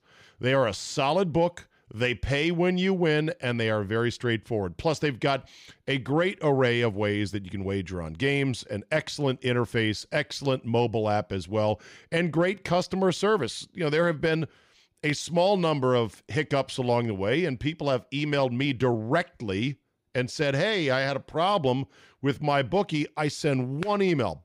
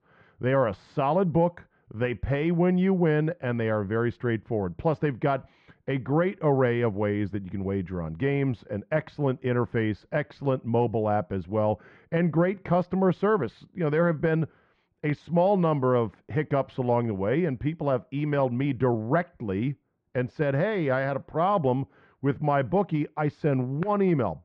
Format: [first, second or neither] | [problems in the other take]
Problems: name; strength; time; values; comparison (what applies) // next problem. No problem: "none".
first | muffled; very; fading above 1.5 kHz